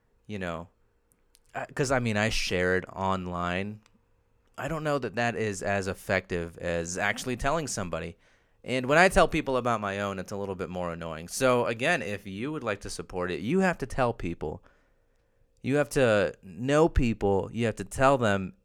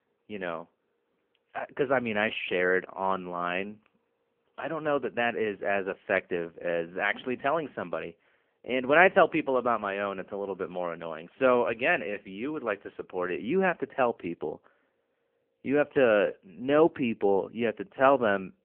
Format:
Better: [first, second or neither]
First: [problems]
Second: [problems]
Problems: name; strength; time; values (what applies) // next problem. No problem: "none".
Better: first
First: none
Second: phone-call audio; poor line; nothing above 3 kHz